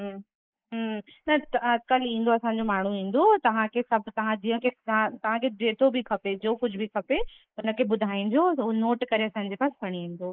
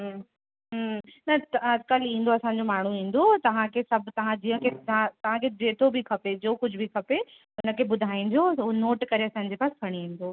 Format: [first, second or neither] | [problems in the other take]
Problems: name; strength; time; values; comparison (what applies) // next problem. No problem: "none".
second | noise reduction (neural mask model Resemble Enhance denoiser)